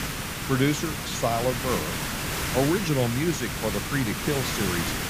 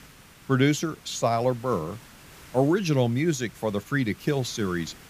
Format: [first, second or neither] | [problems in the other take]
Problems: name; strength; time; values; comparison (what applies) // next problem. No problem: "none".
second | hiss; loud; throughout; 2 dB below the speech; faint in the second